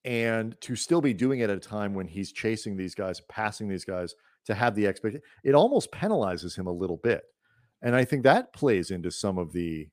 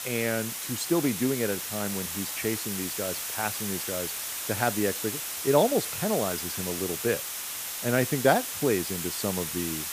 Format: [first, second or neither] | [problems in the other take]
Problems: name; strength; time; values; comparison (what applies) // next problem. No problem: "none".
first | hiss; loud; throughout; 2 dB below the speech